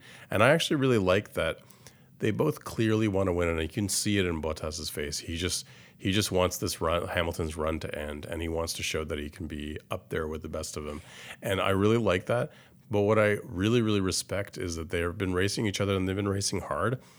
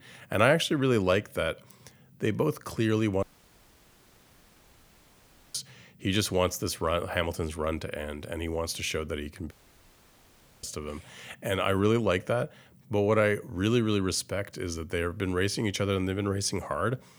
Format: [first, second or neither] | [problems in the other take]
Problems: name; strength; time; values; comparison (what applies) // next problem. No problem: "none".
first | audio cutting out; at 3 s for 2.5 s and at 9.5 s for 1 s